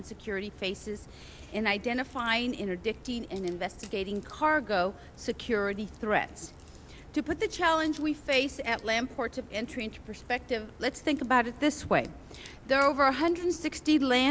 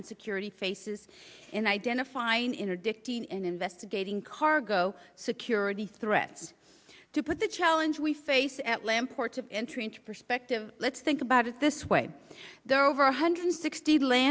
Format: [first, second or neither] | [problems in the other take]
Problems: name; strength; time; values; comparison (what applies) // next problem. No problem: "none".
second | background sound (Crack); 19 dB below the speech